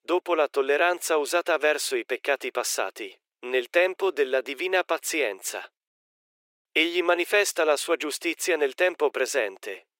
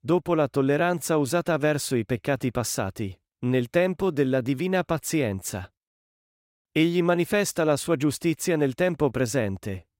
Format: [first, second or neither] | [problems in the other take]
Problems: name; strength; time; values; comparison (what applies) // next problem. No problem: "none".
second | thin; very; fading below 400 Hz